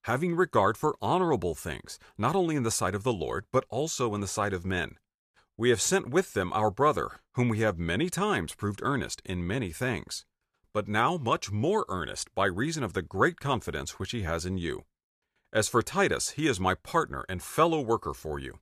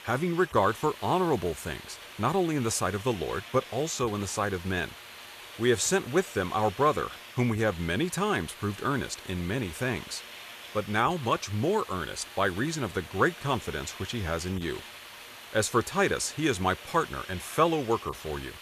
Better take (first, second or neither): first